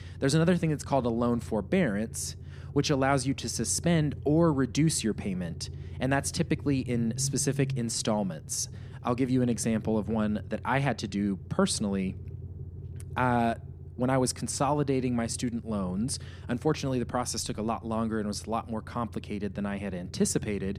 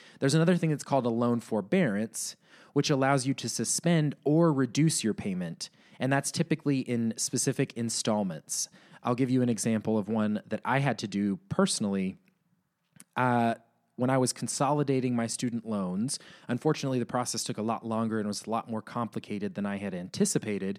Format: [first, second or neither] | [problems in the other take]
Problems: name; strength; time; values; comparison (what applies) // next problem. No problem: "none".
second | low rumble; faint; throughout; 20 dB below the speech